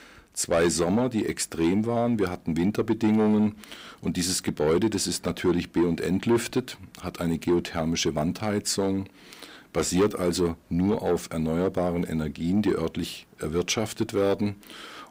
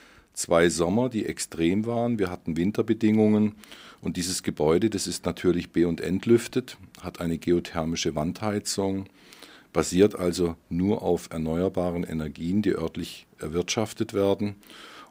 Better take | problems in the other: second | distortion; slight; 10 dB below the speech

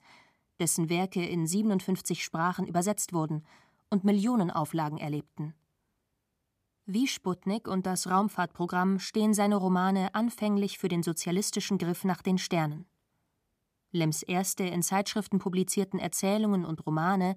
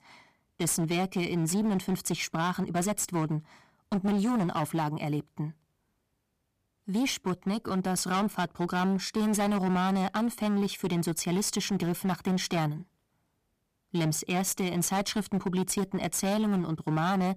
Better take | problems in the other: first | distortion; slight; 18% of the sound clipped

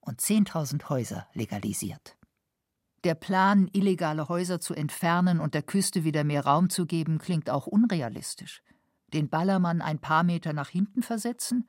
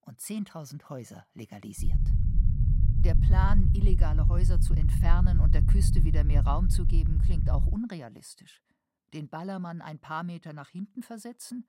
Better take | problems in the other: first | low rumble; loud; from 2 to 7.5 s; 3 dB below the speech

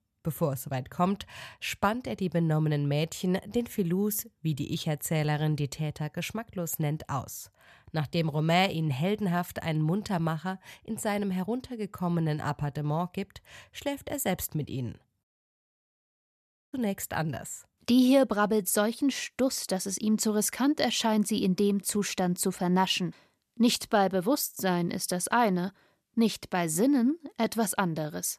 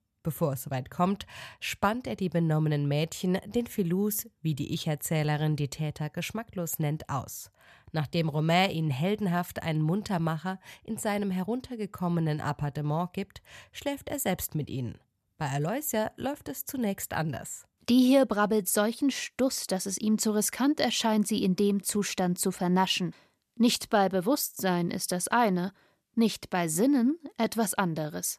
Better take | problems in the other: second | audio cutting out; at 15 s for 1.5 s

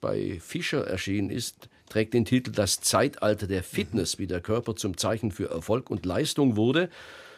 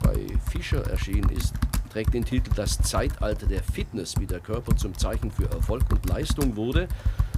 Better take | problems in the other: first | household noises; very loud; throughout; 2 dB above the speech

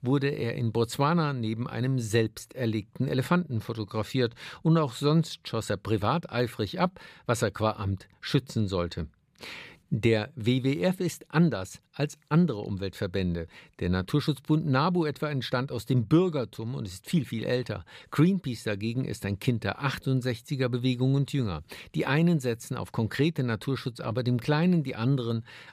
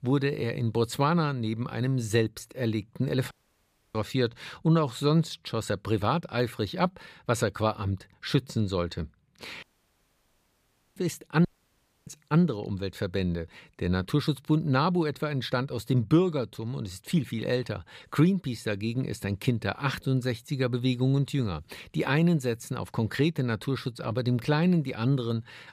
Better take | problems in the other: first | audio cutting out; at 3.5 s for 0.5 s, at 9.5 s for 1.5 s and at 11 s for 0.5 s

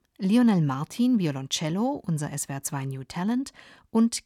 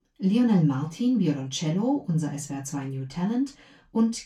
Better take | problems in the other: first | room echo; very slight; dies away in 0.2 s // off-mic speech; far

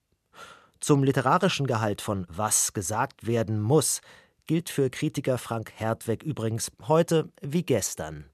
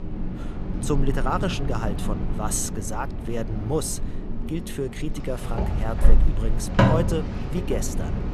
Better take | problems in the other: first | wind in the background; very loud; throughout; 2 dB above the speech

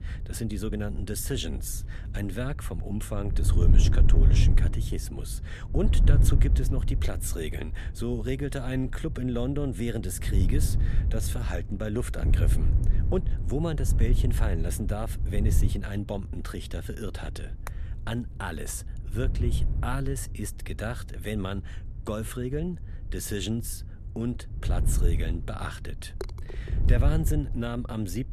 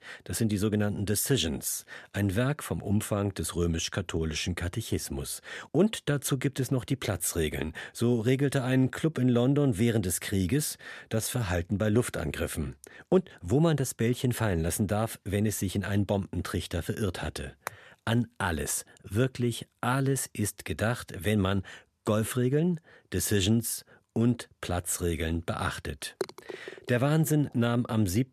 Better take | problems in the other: second | wind noise on the microphone; heavy; 8 dB below the speech

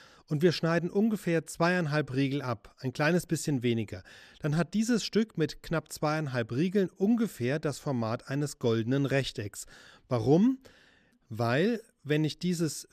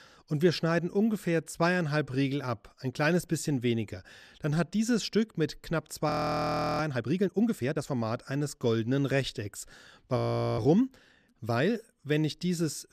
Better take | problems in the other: first | audio freezing; at 6 s for 0.5 s and at 10 s

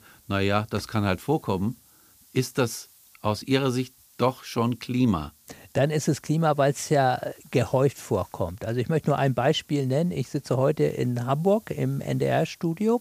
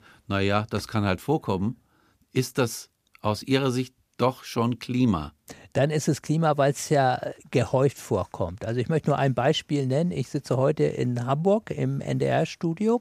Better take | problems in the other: second | hiss; faint; throughout; 30 dB below the speech

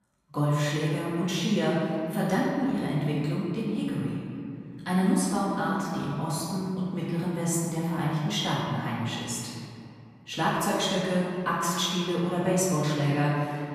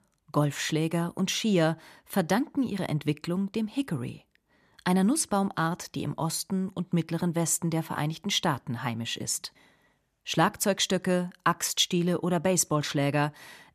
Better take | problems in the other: second | off-mic speech; far // room echo; strong; dies away in 2.3 s

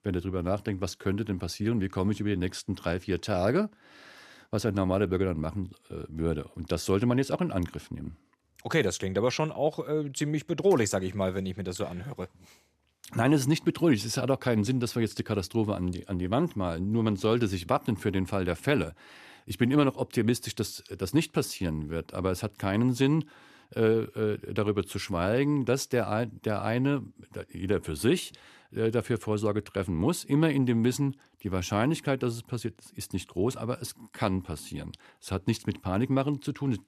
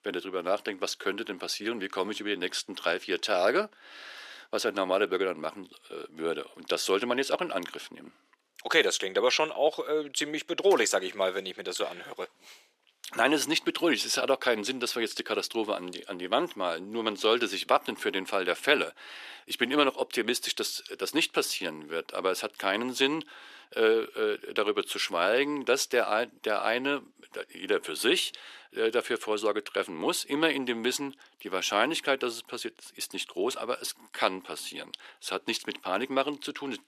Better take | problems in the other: first | thin; somewhat; fading below 400 Hz

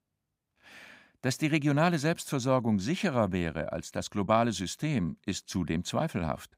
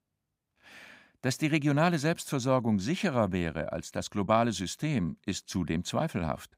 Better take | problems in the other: neither | none

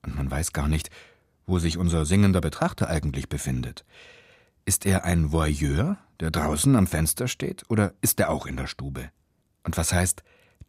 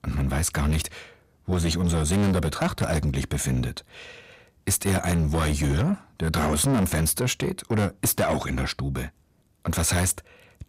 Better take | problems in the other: first | distortion; heavy; 7 dB below the speech

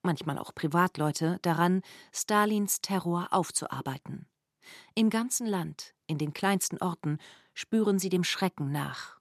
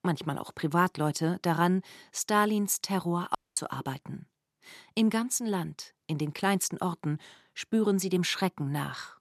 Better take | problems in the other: first | audio cutting out; at 3.5 s

